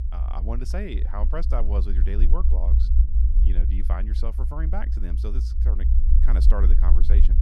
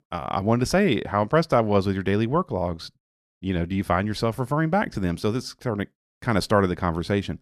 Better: second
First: low rumble; loud; throughout; 6 dB below the speech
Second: none

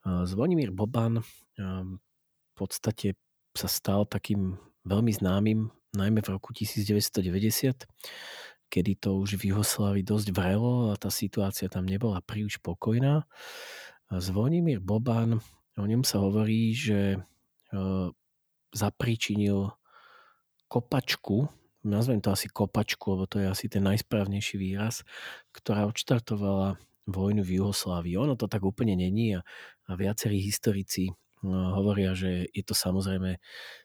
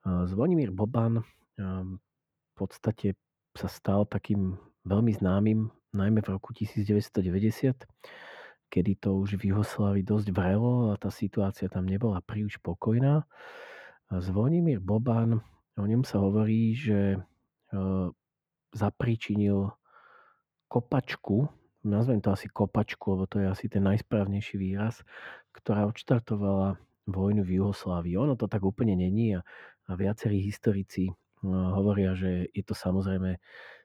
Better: first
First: none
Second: muffled; very; fading above 3 kHz

